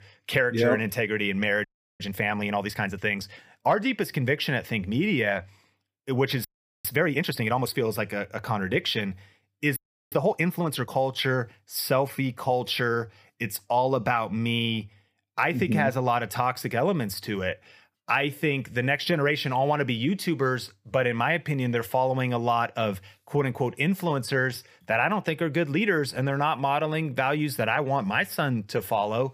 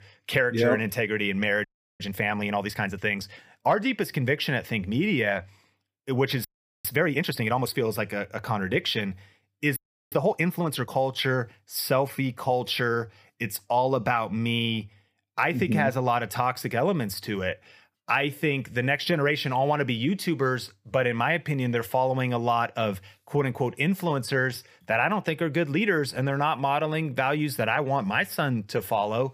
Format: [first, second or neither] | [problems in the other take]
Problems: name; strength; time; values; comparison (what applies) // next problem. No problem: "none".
neither | audio freezing; at 1.5 s, at 6.5 s and at 10 s; the same in both